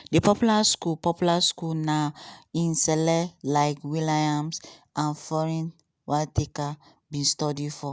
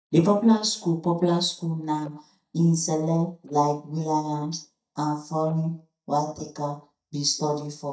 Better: first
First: none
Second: noise reduction (neural mask model DeepFilterNet 3)

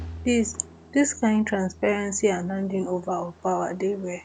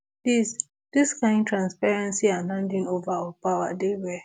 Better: second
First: background sound (Fireworks + Bowed string instrument); 19 dB below the speech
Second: none

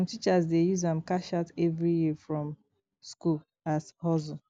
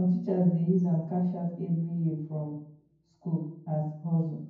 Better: first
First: none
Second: room echo; dies away in 0.9 s

